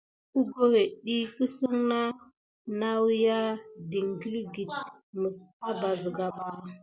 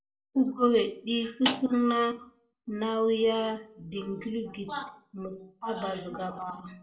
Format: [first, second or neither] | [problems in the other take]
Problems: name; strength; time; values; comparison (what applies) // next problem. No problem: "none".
first | background sound (Snare drum); 6 dB below the speech // room echo; dies away in 0.4 s